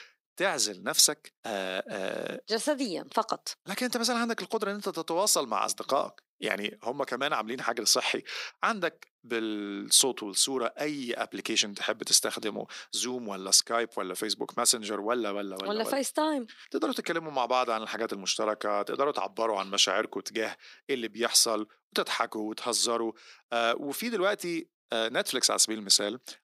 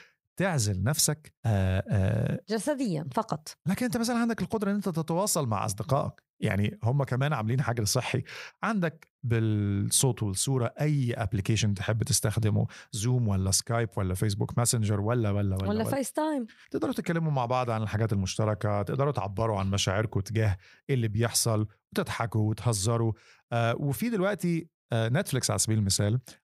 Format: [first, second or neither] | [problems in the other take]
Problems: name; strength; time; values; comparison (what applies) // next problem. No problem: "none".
second | thin; somewhat; fading below 250 Hz